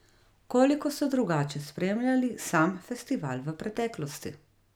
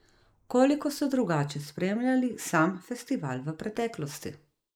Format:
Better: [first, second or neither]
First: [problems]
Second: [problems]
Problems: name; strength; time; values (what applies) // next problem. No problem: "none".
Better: first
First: none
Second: noise reduction (neural mask model Resemble Enhance denoiser)